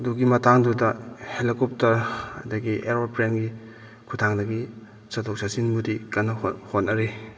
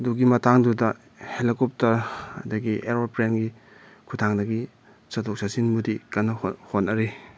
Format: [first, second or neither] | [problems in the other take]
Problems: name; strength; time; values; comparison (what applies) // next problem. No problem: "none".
second | room echo; dies away in 2.7 s